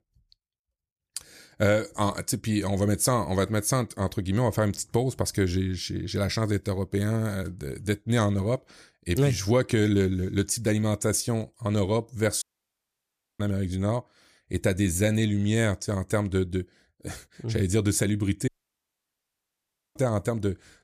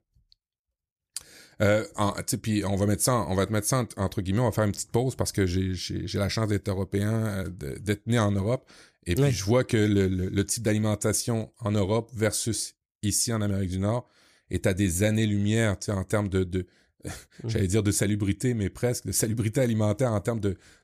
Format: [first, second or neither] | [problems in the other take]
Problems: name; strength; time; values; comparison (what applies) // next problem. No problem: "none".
second | audio cutting out; at 12 s for 1 s and at 18 s for 1.5 s